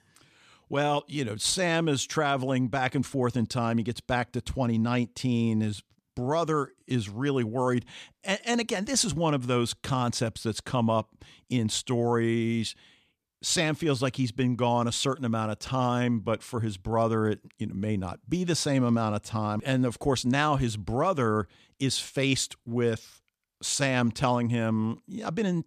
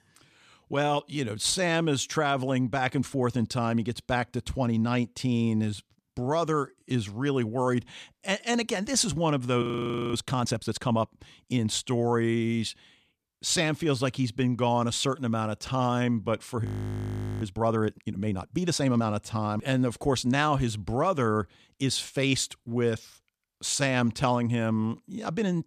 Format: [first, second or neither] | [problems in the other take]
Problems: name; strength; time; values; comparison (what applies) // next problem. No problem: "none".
first | audio freezing; at 9.5 s for 0.5 s and at 17 s for 1 s